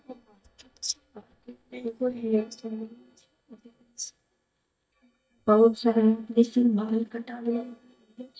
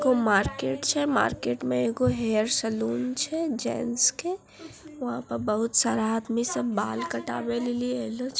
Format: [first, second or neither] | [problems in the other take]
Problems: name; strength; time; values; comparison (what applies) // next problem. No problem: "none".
second | noise reduction (neural mask model DeepFilterNet 3)